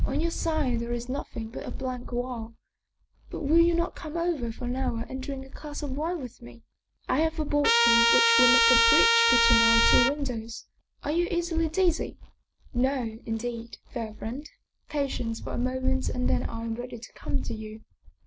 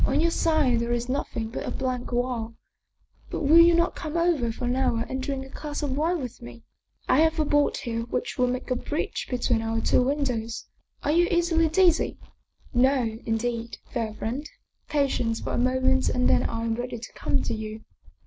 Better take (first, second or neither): second